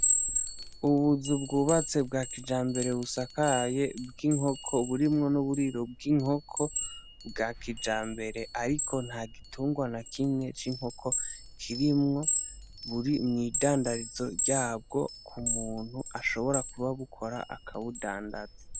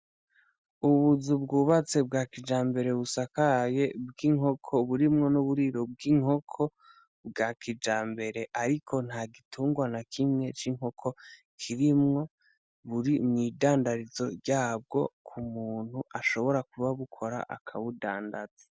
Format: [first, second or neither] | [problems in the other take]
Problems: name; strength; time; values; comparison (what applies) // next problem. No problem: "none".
second | background sound (Chime); 5 dB below the speech